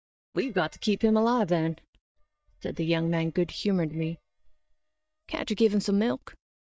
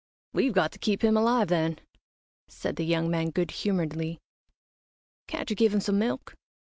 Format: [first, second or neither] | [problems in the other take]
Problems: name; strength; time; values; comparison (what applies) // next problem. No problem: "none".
second | noise reduction (neural mask model DeepFilterNet 3)